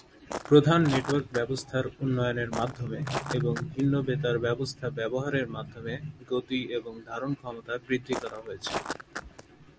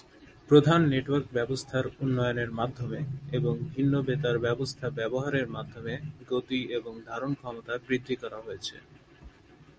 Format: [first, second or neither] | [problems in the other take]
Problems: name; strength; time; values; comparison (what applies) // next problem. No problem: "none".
second | background sound (Walk, footsteps); 9 dB below the speech